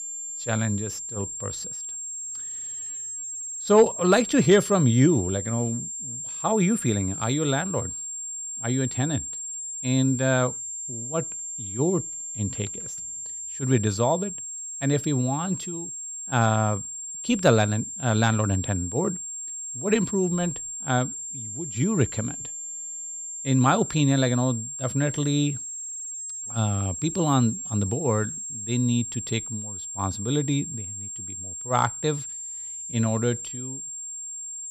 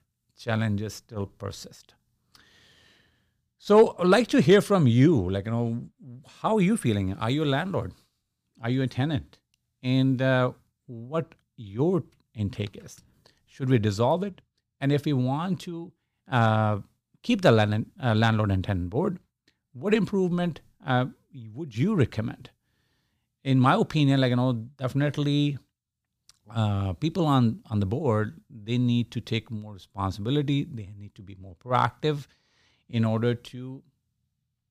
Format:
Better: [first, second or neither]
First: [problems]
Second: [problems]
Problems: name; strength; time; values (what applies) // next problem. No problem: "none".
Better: second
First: high-pitched whine; loud; throughout; 7.5 kHz, 7 dB below the speech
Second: none